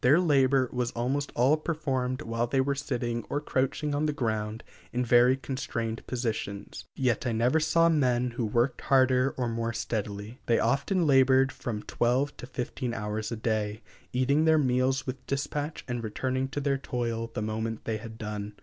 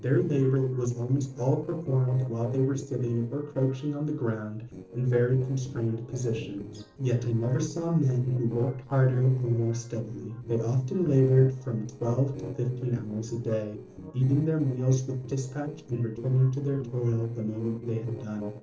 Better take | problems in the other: first | noise reduction (neural separator model SepFormer DNS4)

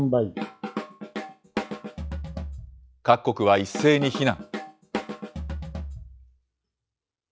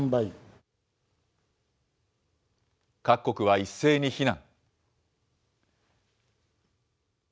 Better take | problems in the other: second | noise reduction (classical method log-MMSE)

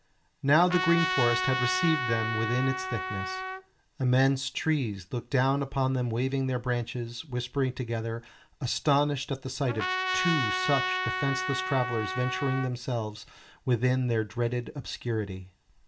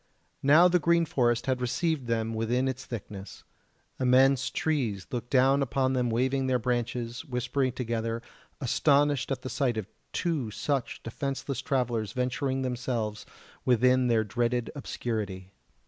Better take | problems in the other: second | background sound (Trumpet); 3 dB below the speech // room echo; dies away in 0.2 s

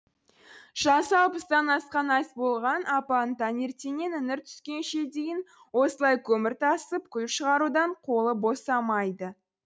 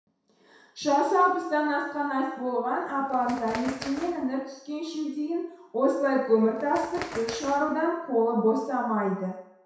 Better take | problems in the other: first | background sound (Bird); 15 dB below the speech // room echo; dies away in 0.7 s

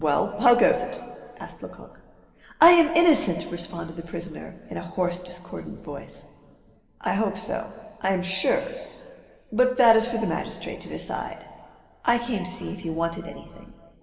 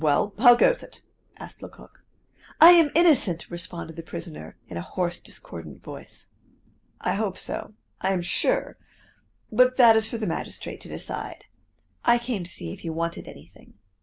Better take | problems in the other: second | room echo; dies away in 2.1 s

